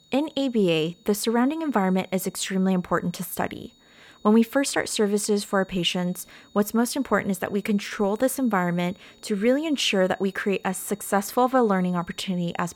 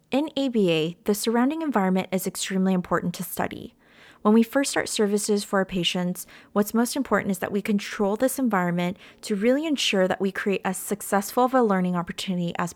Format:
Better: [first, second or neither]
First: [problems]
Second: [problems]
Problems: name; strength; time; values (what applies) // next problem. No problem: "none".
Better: second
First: high-pitched whine; faint; throughout; 4 kHz, 30 dB below the speech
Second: none